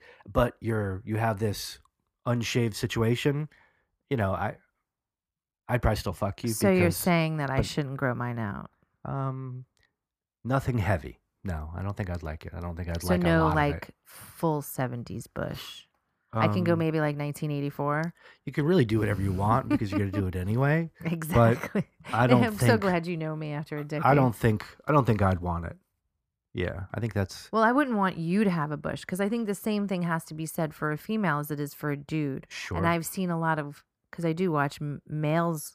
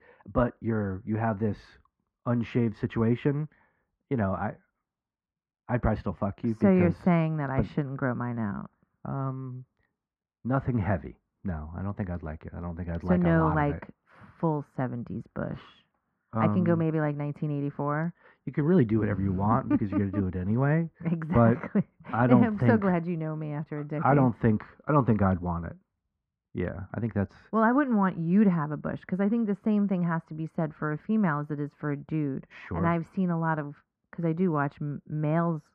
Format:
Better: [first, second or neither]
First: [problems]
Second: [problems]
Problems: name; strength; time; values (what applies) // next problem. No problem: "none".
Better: first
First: none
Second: muffled; very; fading above 1.5 kHz